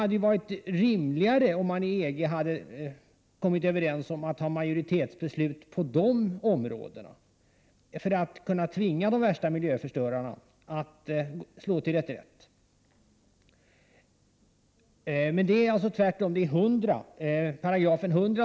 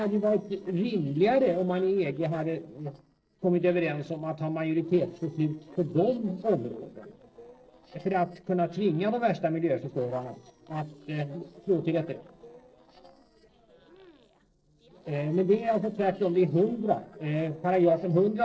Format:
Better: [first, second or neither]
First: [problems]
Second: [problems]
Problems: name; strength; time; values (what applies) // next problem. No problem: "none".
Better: first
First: none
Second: noise reduction (neural separator model SepFormer DNS4)